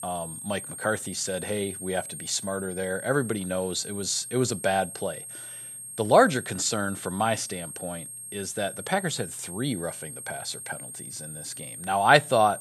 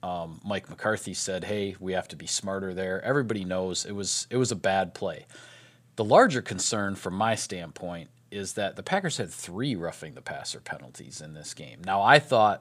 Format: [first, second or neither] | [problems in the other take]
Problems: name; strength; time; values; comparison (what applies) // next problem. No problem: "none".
second | high-pitched whine; loud; throughout; 8.5 kHz, 10 dB below the speech